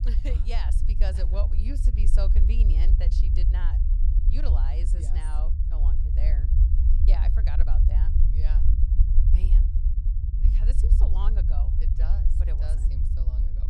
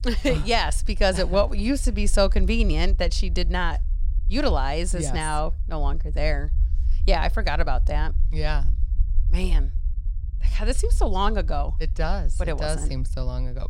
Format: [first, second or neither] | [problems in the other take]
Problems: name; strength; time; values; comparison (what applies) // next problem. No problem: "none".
second | low rumble; loud; throughout; 2 dB below the speech; faint in the second